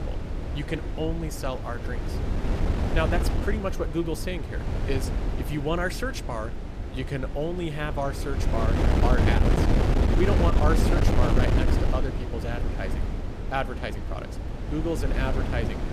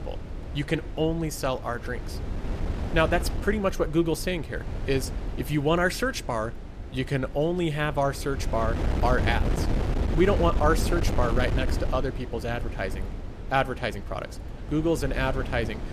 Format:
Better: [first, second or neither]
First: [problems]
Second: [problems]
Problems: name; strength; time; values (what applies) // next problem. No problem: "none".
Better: second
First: wind noise on the microphone; heavy; 2 dB below the speech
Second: wind noise on the microphone; occasional gusts; 10 dB below the speech